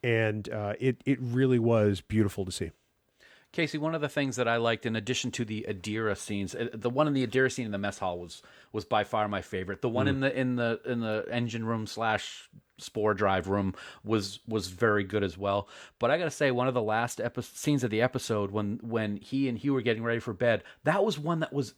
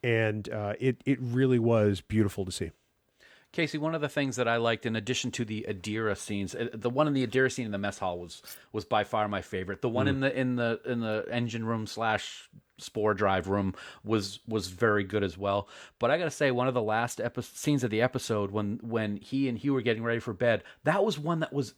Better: first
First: none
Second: clattering dishes; faint; at 8.5 s; peak 20 dB below the speech

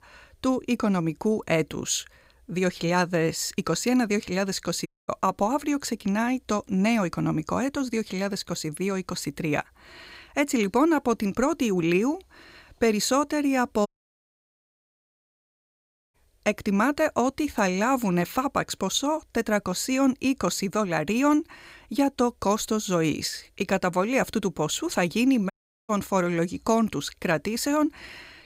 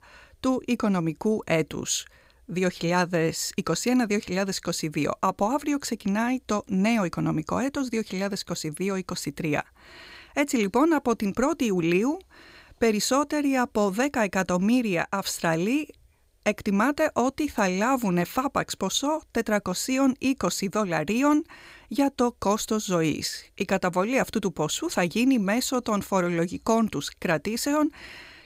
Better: second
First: audio cutting out; at 5 s, at 14 s for 2.5 s and at 26 s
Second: none

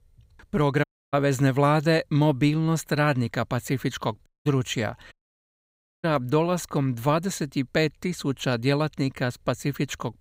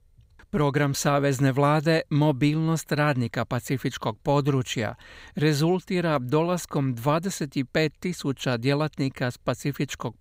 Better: second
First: audio cutting out; at 1 s, at 4.5 s and at 5 s for 1 s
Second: none

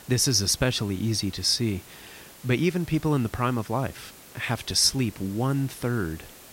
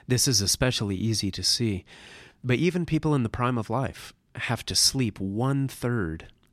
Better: second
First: hiss; faint; throughout; 20 dB below the speech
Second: none

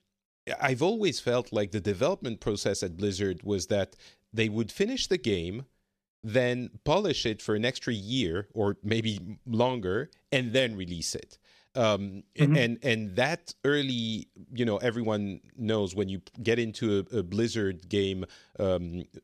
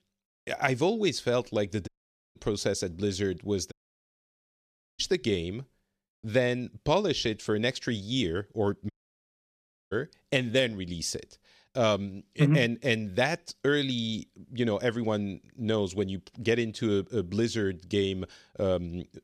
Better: first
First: none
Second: audio cutting out; at 2 s, at 3.5 s for 1.5 s and at 9 s for 1 s

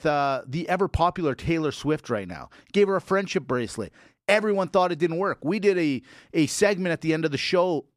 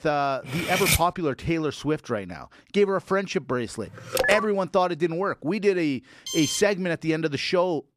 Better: first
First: none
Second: clattering dishes; loud; at 0.5 s; peak 3 dB above the speech // phone ringing; loud; at 4 s; peak 1 dB above the speech // alarm; noticeable; at 6.5 s; peak 3 dB below the speech

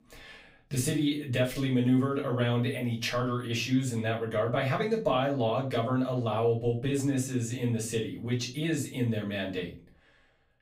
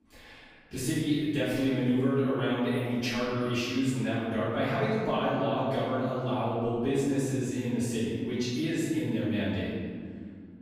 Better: first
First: room echo; slight; dies away in 0.3 s // off-mic speech; far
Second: room echo; strong; dies away in 2.2 s // off-mic speech; far

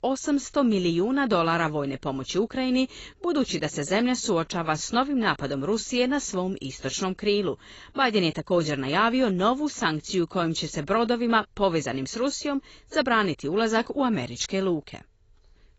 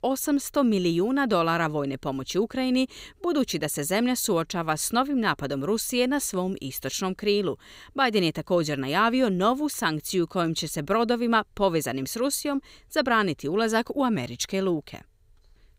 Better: second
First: garbled, watery; badly; nothing above 7.5 kHz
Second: none

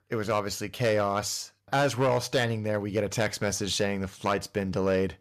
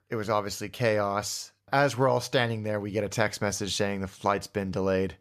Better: second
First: distortion; slight; 5% of the sound clipped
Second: none

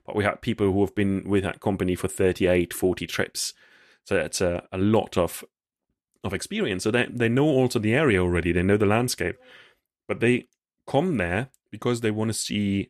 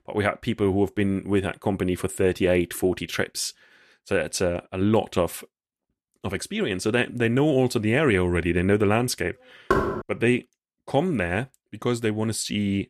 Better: first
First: none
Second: door banging; loud; at 9.5 s; peak level with the speech

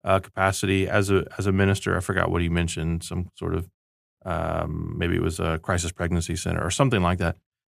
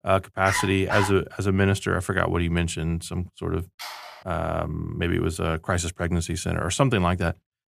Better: first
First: none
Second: dog barking; noticeable; at 0.5 s; peak 3 dB below the speech // phone ringing; faint; at 4 s; peak 10 dB below the speech

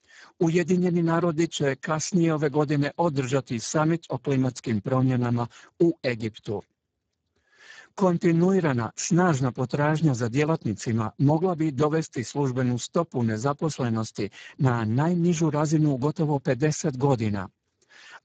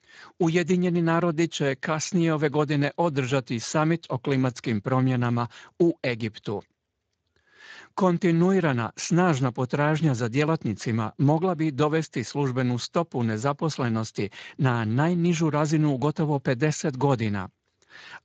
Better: second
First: garbled, watery; badly; nothing above 7.5 kHz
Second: garbled, watery; slightly; nothing above 7.5 kHz

